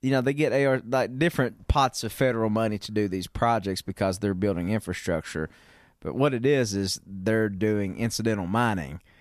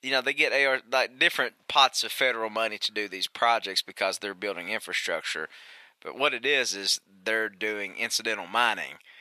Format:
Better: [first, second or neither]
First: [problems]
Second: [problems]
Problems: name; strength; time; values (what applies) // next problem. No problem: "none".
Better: first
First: none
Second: thin; very; fading below 650 Hz